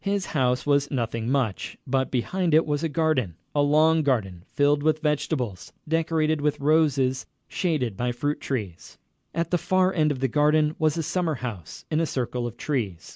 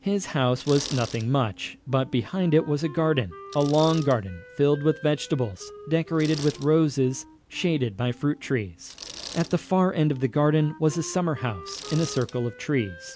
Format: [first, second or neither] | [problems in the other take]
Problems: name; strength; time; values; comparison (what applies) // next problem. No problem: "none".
first | background sound (Bicycle + Wind instrument, woodwind instrument); 18 dB below the speech